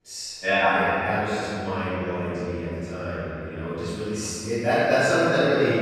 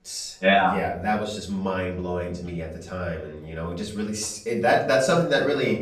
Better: second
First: room echo; strong; dies away in 2.8 s // off-mic speech; far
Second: room echo; slight; dies away in 0.5 s // off-mic speech; far

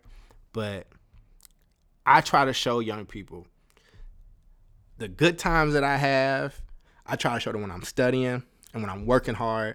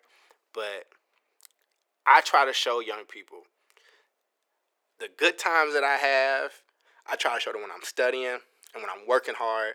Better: first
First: none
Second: thin; very; fading below 400 Hz

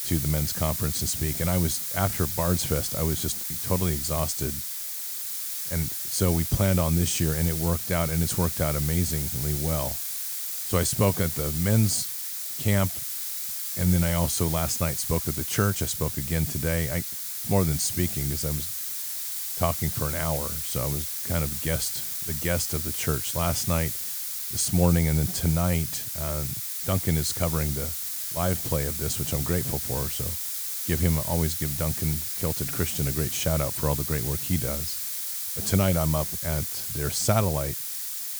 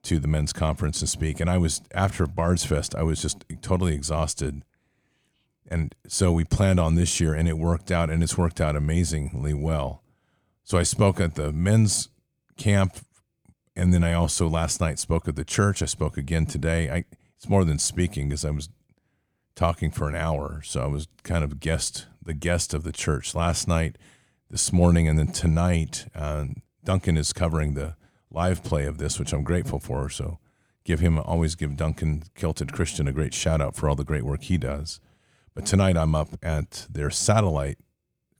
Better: second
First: hiss; loud; throughout; as loud as the speech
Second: none

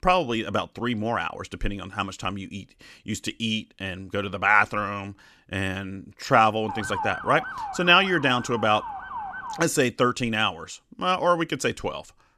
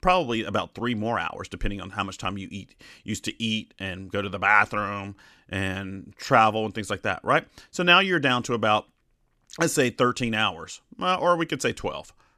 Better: second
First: siren; noticeable; from 6.5 to 9.5 s; peak 7 dB below the speech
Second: none

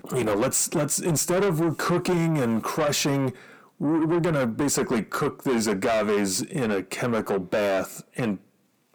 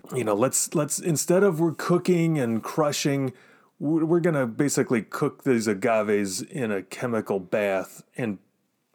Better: second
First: distortion; heavy; 7 dB below the speech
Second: none

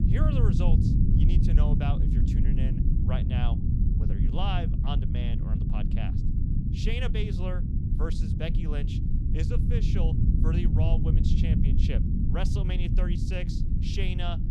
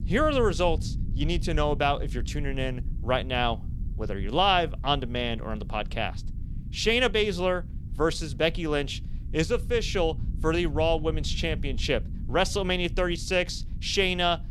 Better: second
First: low rumble; loud; throughout; as loud as the speech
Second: low rumble; faint; throughout; 25 dB below the speech

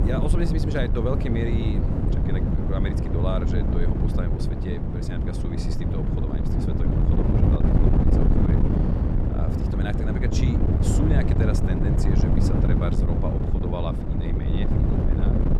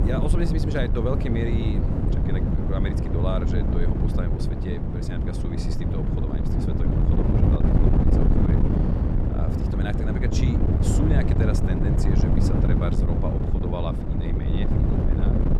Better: neither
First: wind noise on the microphone; heavy; 2 dB above the speech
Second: wind noise on the microphone; heavy; 2 dB above the speech

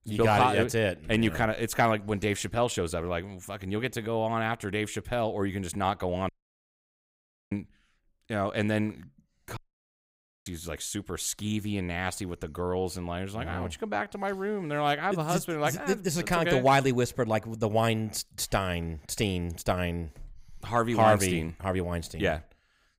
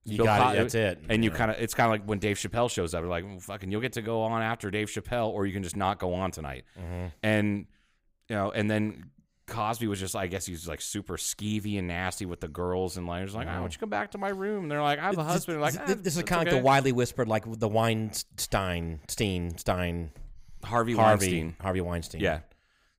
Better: second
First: audio cutting out; at 6.5 s for 1 s and at 9.5 s for 1 s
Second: none

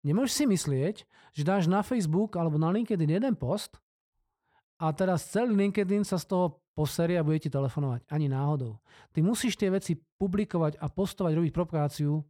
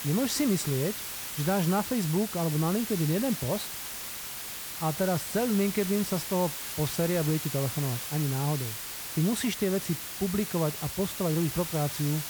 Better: first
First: none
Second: hiss; loud; throughout; 5 dB below the speech

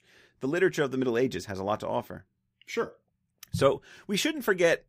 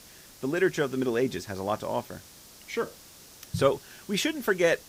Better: first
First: none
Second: hiss; noticeable; throughout; 20 dB below the speech

